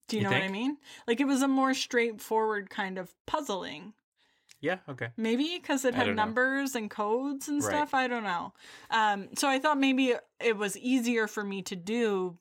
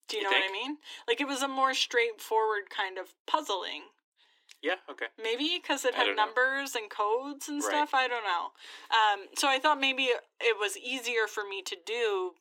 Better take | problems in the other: first | thin; somewhat; fading below 300 Hz

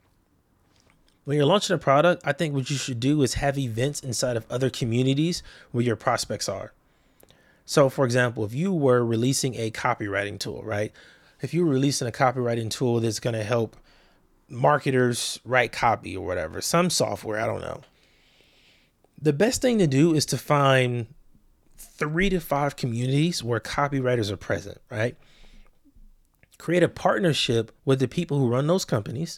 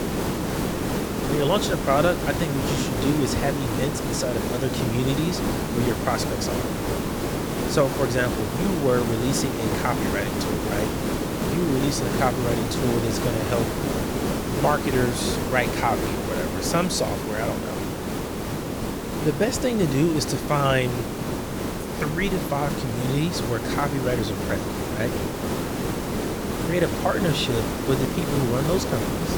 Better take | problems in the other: first | hiss; loud; throughout; 1 dB below the speech

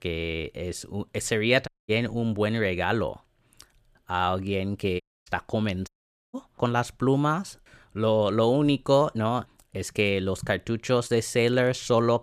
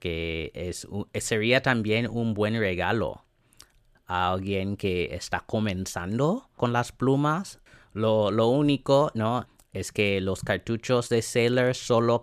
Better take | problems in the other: second | audio cutting out; at 1.5 s, at 5 s and at 6 s

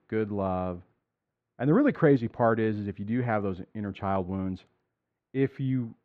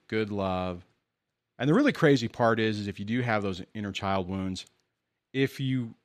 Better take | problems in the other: second | muffled; very; fading above 3.5 kHz

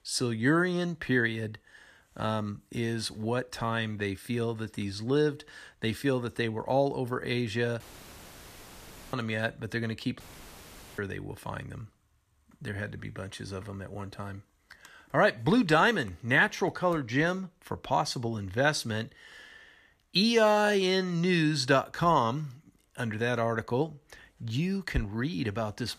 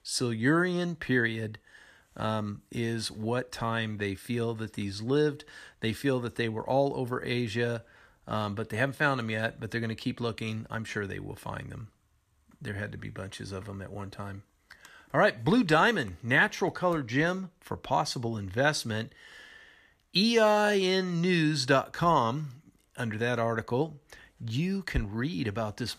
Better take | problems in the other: second | audio cutting out; filled with static; at 8 s for 1.5 s and at 10 s for 1 s

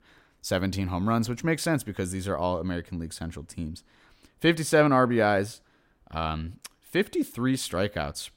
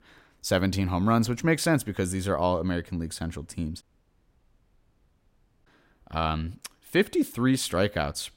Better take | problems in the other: first | audio cutting out; at 4 s for 2 s

